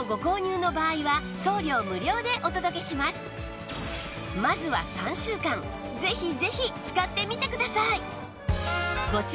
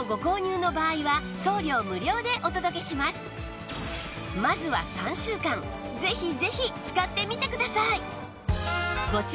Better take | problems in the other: second | background sound (Wind instrument, woodwind instrument); 19 dB below the speech

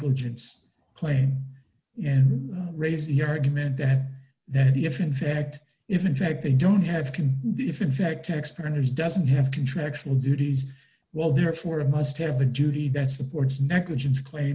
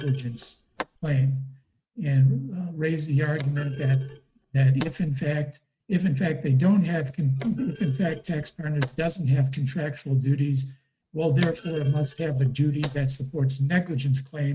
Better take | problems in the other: first | noise reduction (neural mask model RNNoise)

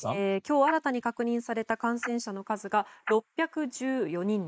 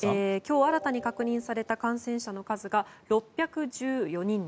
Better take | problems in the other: second | noise reduction (neural mask model Resemble Enhance denoiser)

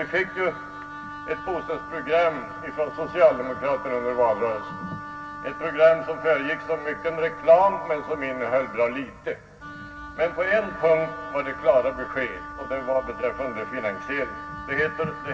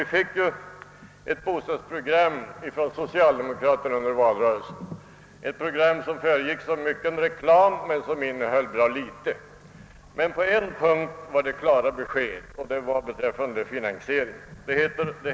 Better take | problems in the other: second | background sound (Wind instrument, woodwind instrument); 12 dB below the speech // room echo; dies away in 0.4 s

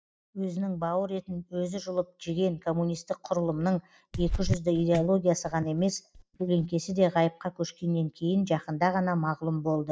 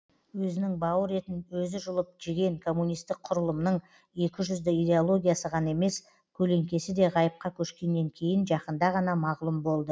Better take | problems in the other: second | noise reduction (neural mask model DeepFilterNet 3)

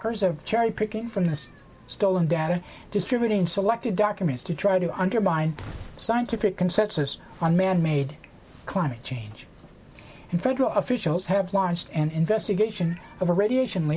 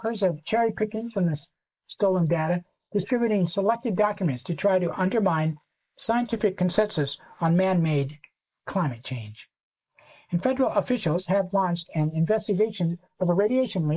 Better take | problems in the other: first | noise reduction (neural mask model Resemble Enhance denoiser)

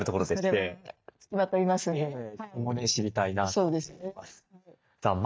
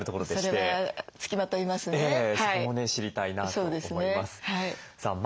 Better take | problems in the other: second | noise reduction (neural mask model DeepFilterNet 3)

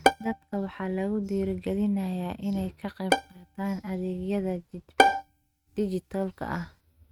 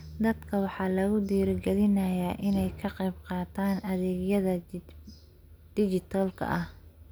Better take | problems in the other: second | noise reduction (neural mask model RNNoise)

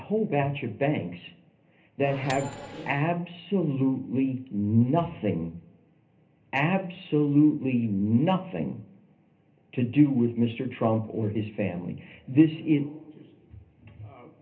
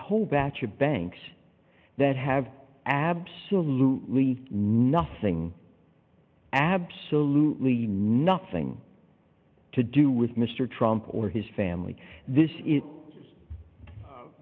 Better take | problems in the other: second | background sound (Microwave oven); 13 dB below the speech // room echo; dies away in 0.3 s

